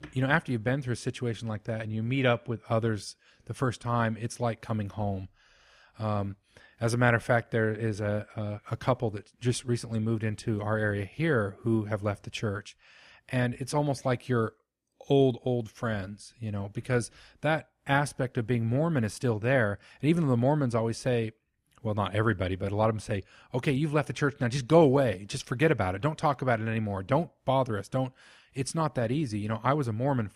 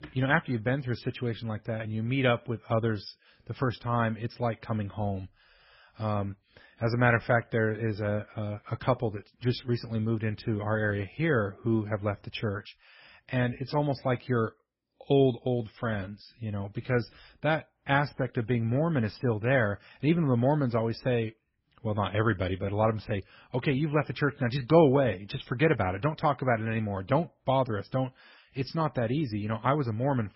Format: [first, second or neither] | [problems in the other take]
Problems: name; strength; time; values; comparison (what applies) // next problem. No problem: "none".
first | garbled, watery; badly; nothing above 5.5 kHz